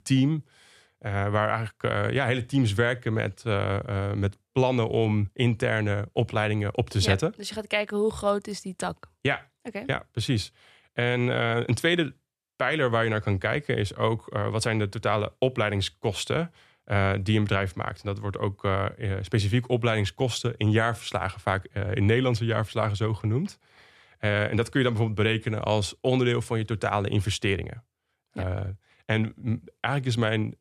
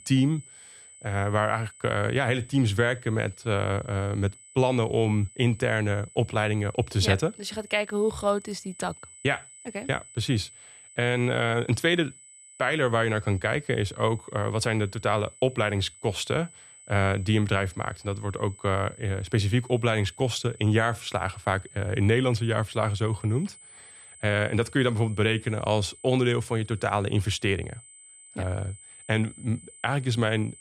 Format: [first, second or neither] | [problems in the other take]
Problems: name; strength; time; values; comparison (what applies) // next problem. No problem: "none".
first | high-pitched whine; faint; throughout; 8 kHz, 20 dB below the speech